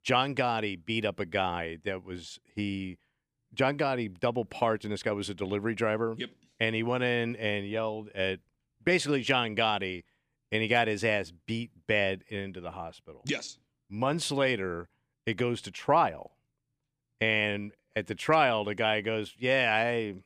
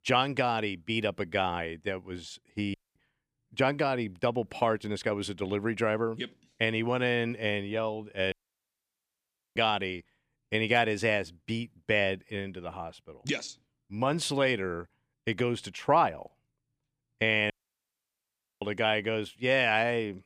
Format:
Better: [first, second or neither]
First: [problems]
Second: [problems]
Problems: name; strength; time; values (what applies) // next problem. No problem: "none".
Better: first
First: none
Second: audio cutting out; at 2.5 s, at 8.5 s for 1 s and at 18 s for 1 s